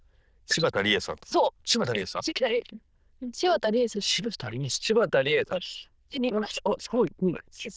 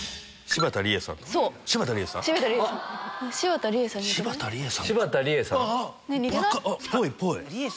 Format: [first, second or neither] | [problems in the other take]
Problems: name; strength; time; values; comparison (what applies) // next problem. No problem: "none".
second | noise reduction (neural diffusion model UNIVERSE++)